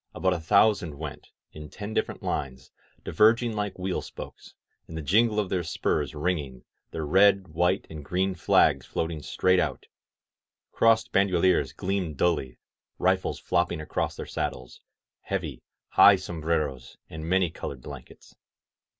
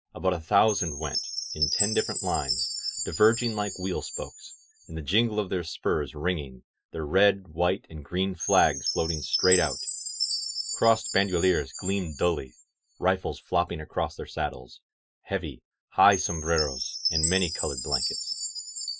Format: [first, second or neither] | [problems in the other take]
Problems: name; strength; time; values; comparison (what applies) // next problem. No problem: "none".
first | noise reduction (classical method Wiener filter)